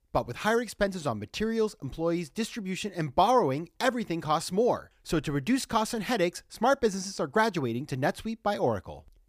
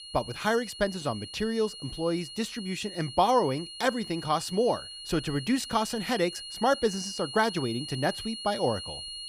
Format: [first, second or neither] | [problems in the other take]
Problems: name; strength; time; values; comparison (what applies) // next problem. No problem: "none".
first | high-pitched whine; loud; throughout; 4.5 kHz, 10 dB below the speech